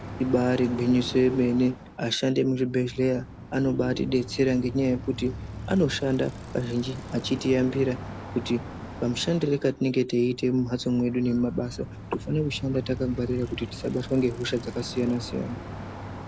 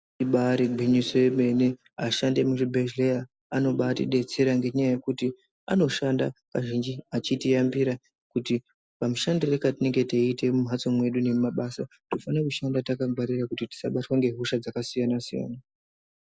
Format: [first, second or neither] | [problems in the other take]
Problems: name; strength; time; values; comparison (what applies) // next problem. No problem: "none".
second | background sound (Bicycle); 13 dB below the speech